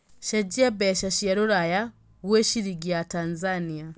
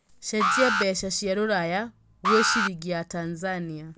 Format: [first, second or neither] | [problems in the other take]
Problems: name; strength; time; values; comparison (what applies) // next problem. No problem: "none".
first | background sound (Alarm); 1 dB below the speech